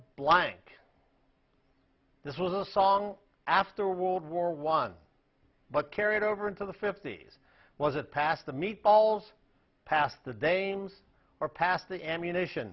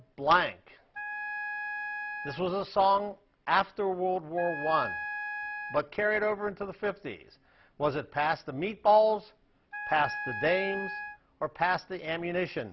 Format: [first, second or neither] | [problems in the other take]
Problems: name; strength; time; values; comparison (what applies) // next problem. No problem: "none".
first | background sound (Wind instrument, woodwind instrument); 8 dB below the speech